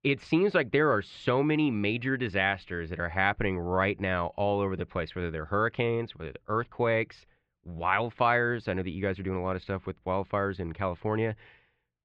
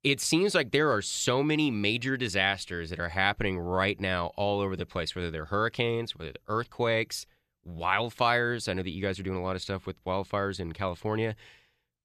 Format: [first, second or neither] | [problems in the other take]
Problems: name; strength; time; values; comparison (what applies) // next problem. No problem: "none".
second | muffled; very; fading above 2.5 kHz